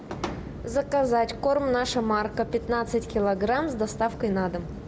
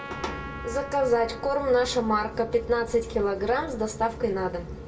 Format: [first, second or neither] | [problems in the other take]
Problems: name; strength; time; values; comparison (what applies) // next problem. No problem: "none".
first | background sound (Trumpet); 18 dB below the speech // room echo; dies away in 0.2 s